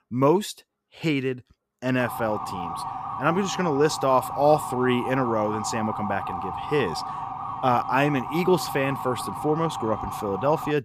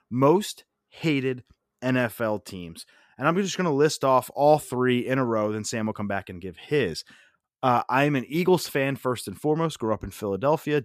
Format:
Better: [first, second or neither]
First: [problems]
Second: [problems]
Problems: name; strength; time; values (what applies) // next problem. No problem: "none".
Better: second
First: siren; noticeable; from 2 s on; peak 6 dB below the speech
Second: none